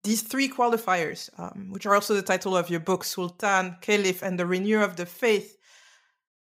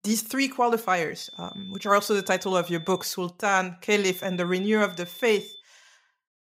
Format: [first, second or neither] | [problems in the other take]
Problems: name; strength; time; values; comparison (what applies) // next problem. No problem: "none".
first | high-pitched whine; noticeable; from 1 to 3 s and from 4 to 5.5 s; 3.5 kHz, 15 dB below the speech